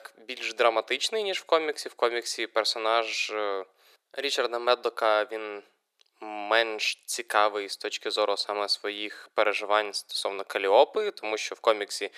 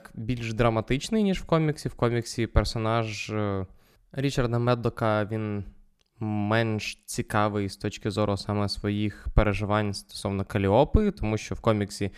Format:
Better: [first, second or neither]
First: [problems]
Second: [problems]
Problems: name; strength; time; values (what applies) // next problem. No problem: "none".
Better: second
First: thin; very; fading below 400 Hz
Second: none